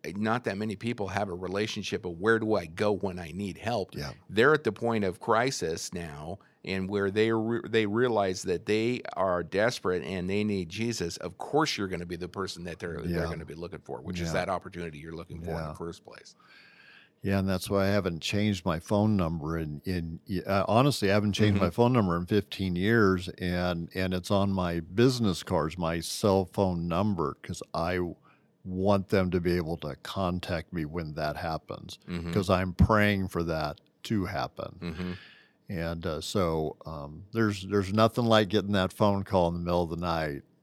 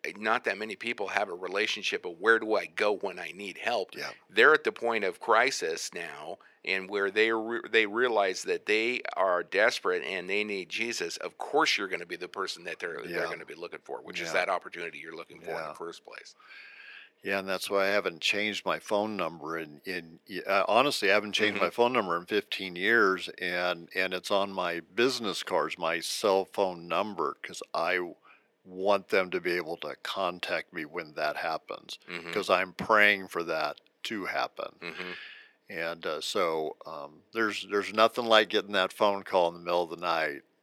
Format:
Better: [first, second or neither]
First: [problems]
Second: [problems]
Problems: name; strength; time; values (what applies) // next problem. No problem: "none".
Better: first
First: none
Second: thin; somewhat; fading below 450 Hz